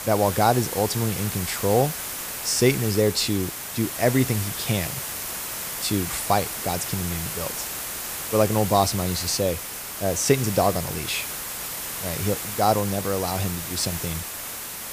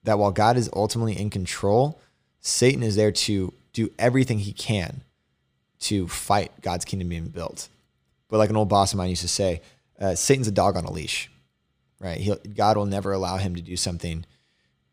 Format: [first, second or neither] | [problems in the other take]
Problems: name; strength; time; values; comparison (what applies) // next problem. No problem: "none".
second | hiss; loud; throughout; 5 dB below the speech